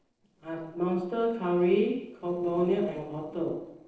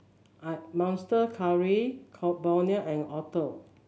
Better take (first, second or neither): second